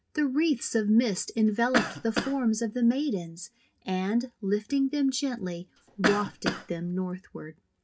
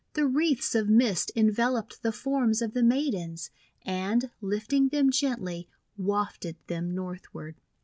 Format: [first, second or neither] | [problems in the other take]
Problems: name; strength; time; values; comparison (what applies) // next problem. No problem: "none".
second | background sound (Cough); 4 dB below the speech // room echo; dies away in 0.3 s